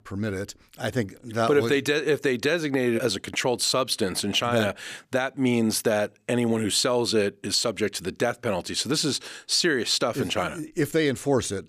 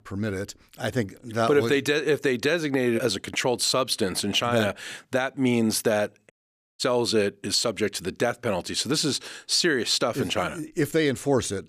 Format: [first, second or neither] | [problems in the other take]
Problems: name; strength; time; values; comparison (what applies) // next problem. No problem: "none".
first | audio cutting out; at 6.5 s